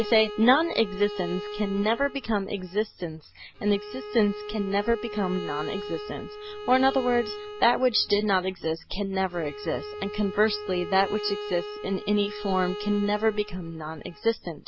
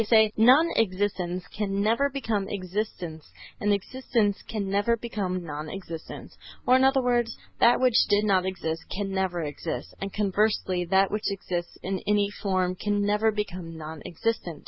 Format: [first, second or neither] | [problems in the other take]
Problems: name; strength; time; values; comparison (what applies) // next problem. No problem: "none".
second | background sound (Bowed string instrument); 11 dB below the speech